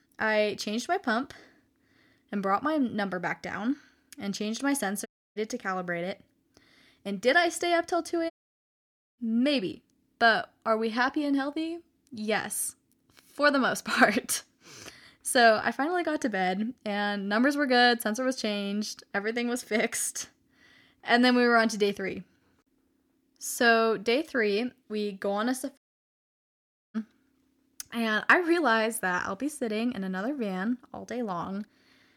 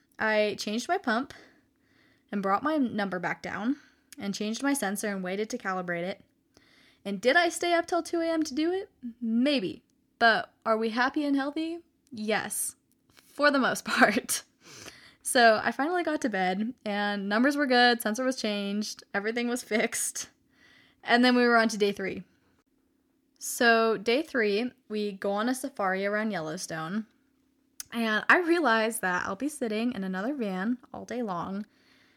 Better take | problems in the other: second | audio cutting out; at 5 s, at 8.5 s for 1 s and at 26 s for 1 s

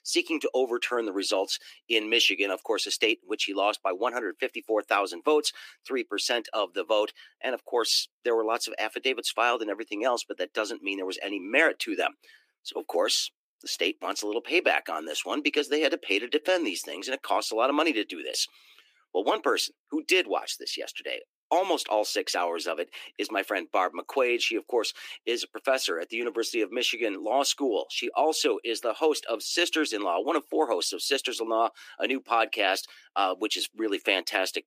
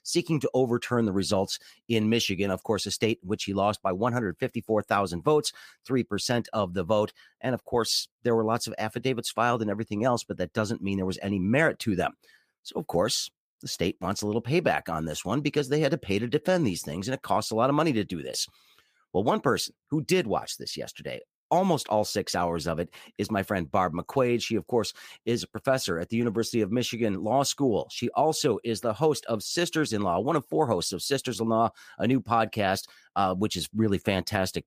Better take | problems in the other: second | thin; somewhat; fading below 300 Hz

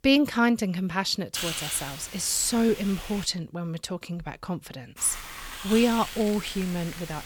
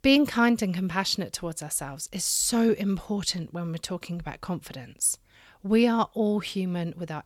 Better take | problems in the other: second | hiss; loud; from 1.5 to 3.5 s and from 5 s on; 9 dB below the speech

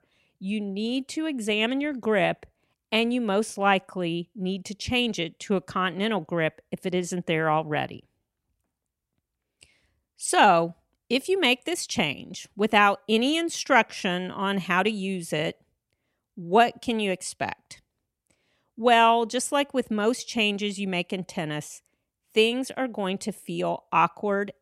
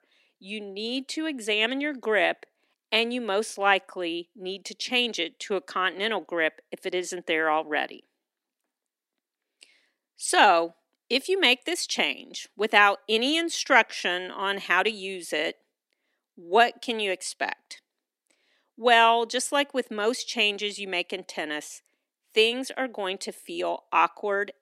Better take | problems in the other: first | thin; very slightly; fading below 250 Hz

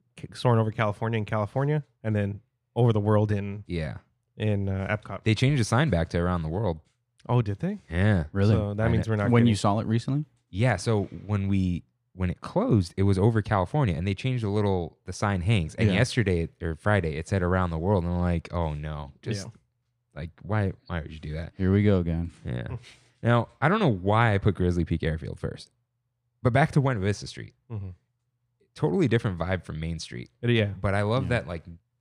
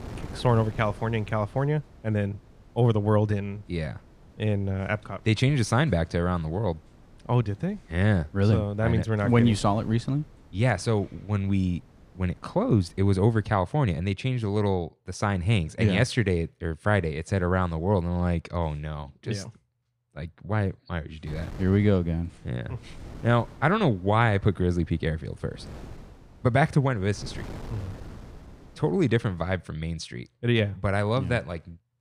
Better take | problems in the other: first | wind noise on the microphone; occasional gusts; until 13 s and from 21 to 30 s; 25 dB below the speech

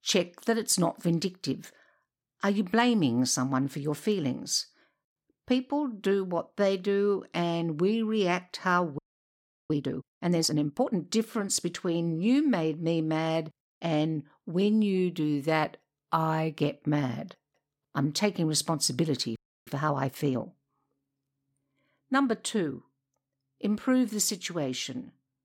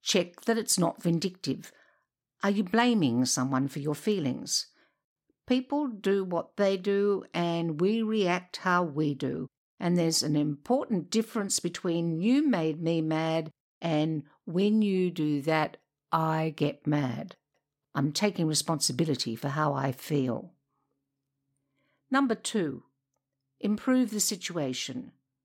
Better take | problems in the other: second | audio freezing; at 9 s for 0.5 s and at 19 s

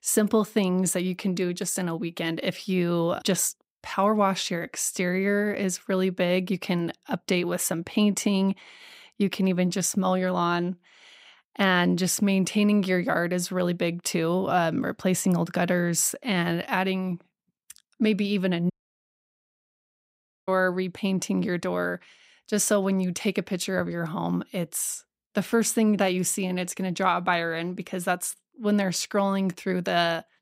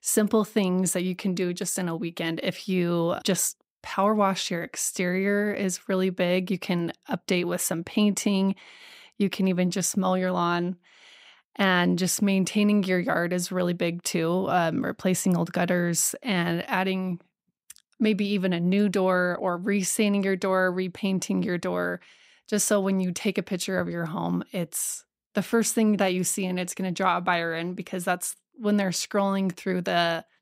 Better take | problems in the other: second | audio cutting out; at 19 s for 2 s

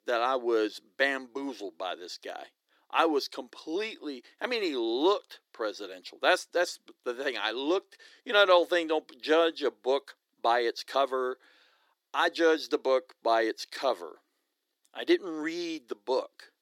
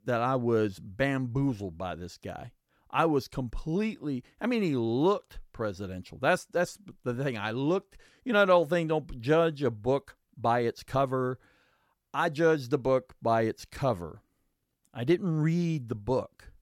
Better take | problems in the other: second | thin; somewhat; fading below 300 Hz

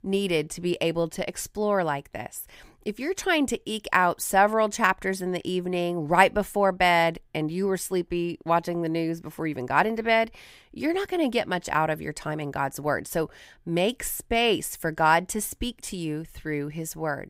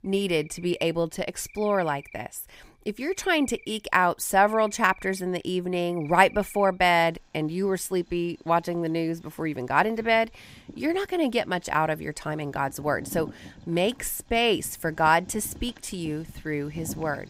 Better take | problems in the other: first | animal sounds; faint; throughout; 20 dB below the speech

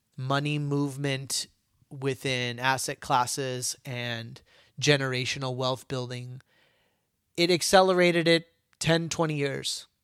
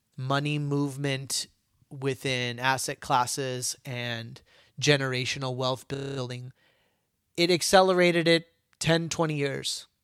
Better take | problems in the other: first | audio freezing; at 6 s

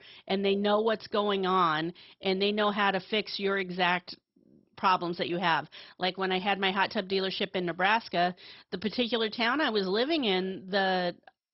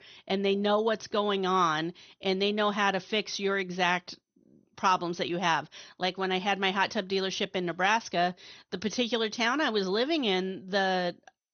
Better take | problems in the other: second | garbled, watery; badly; nothing above 5.5 kHz; slightly in the second

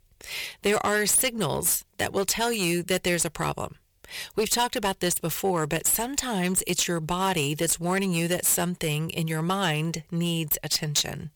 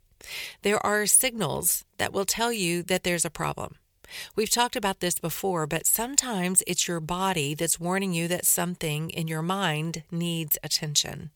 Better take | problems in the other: second | distortion; slight; 6% of the sound clipped

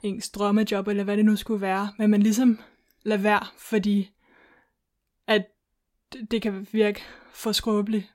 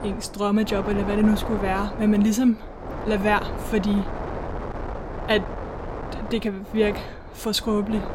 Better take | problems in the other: first | wind noise on the microphone; heavy; 8 dB below the speech

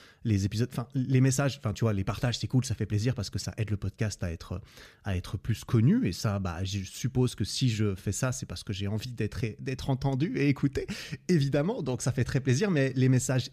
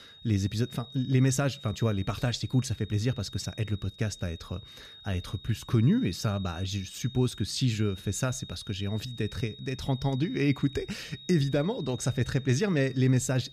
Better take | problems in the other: first | high-pitched whine; noticeable; throughout; 3.5 kHz, 15 dB below the speech

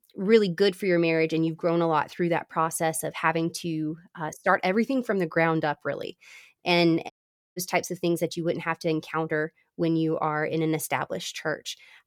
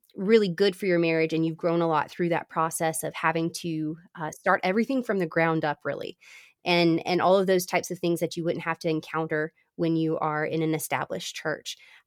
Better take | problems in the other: second | audio cutting out; at 7 s

